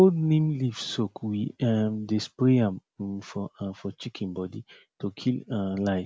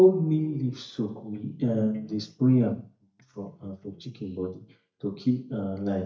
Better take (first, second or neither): first